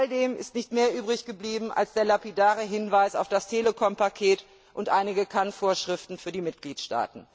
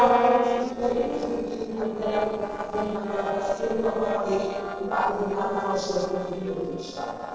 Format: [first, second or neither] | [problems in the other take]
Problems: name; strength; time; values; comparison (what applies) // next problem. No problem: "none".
first | noise reduction (neural separator model SepFormer DNS4)